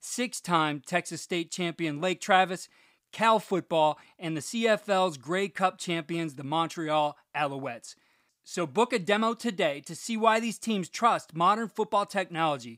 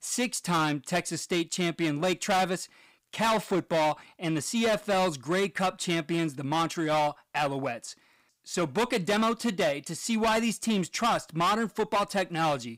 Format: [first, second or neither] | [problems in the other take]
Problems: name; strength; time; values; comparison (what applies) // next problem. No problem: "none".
first | distortion; heavy; 13% of the sound clipped